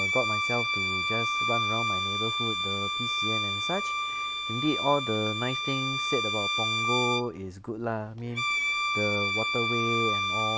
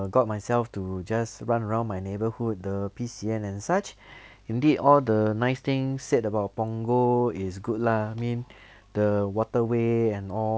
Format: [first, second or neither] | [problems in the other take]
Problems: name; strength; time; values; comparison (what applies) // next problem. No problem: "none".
second | background sound (Bowed string instrument); 3 dB above the speech